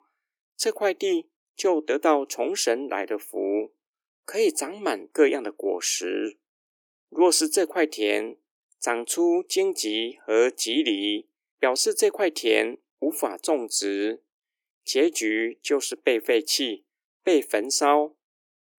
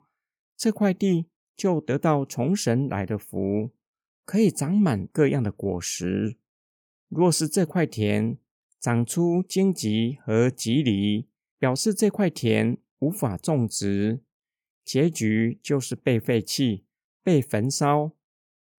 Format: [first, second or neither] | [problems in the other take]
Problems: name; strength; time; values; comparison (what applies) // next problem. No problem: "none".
second | thin; very; fading below 300 Hz